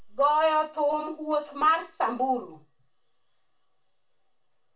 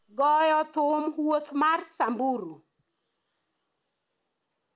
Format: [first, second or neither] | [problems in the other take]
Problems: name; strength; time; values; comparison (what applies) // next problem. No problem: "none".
second | room echo; dies away in 0.2 s